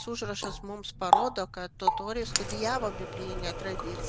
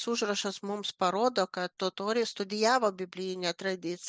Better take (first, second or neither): second